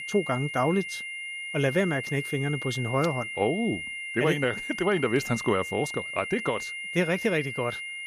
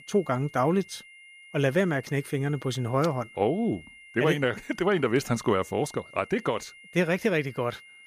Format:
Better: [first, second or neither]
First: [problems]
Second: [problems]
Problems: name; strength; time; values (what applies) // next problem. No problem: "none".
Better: second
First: high-pitched whine; loud; throughout; 2 kHz, 6 dB below the speech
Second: high-pitched whine; faint; throughout; 2 kHz, 20 dB below the speech